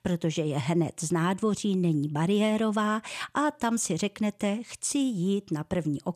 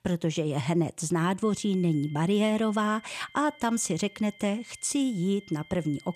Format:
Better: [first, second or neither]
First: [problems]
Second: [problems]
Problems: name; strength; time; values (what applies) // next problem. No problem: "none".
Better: first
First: none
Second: high-pitched whine; faint; from 1.5 s on; 2 kHz, 25 dB below the speech